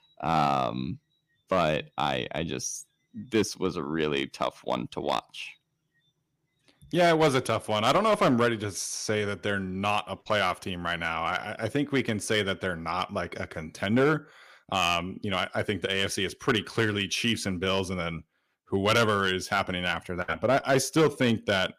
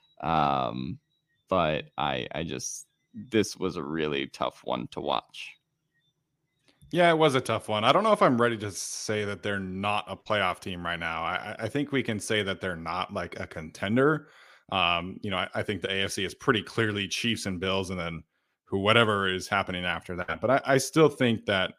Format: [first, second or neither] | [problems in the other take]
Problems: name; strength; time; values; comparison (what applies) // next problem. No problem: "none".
second | distortion; slight; 3% of the sound clipped